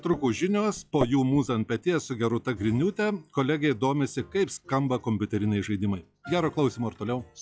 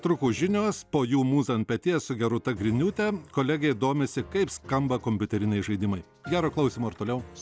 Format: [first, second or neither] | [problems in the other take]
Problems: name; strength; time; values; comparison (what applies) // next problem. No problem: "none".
second | noise reduction (classical method log-MMSE)